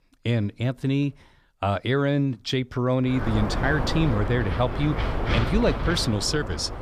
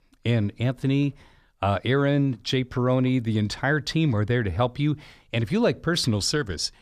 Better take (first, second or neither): second